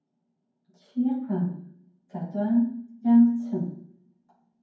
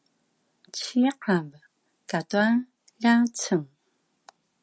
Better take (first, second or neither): second